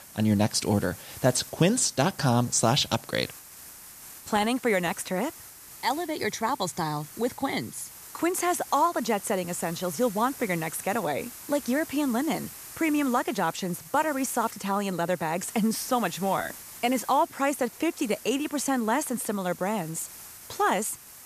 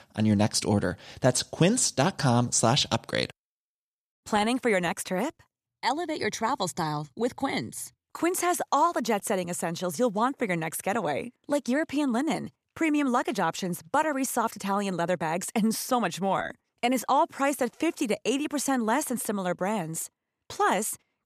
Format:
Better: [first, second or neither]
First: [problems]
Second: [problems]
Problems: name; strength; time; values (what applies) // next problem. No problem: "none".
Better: second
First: hiss; noticeable; throughout; 15 dB below the speech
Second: none